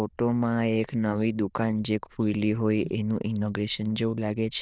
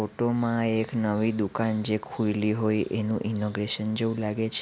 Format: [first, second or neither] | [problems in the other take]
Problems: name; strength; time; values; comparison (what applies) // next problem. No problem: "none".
second | noise reduction (neural diffusion model UNIVERSE++)